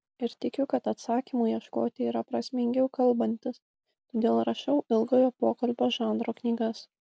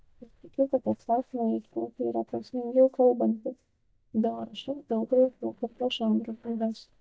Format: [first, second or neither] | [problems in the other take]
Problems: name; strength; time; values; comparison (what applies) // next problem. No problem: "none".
first | noise reduction (neural mask model DeepFilterNet 3)